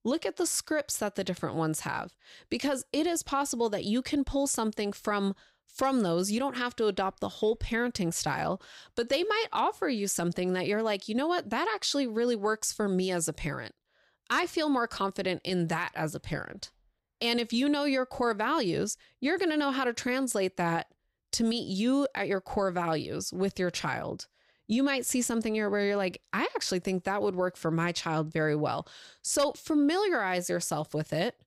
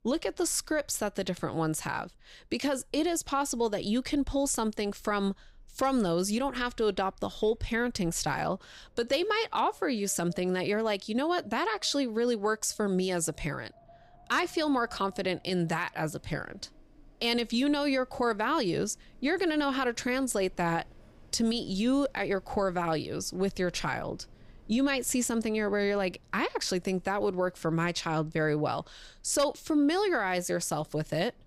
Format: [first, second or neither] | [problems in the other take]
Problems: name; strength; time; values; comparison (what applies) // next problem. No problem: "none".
first | wind in the background; faint; throughout; 30 dB below the speech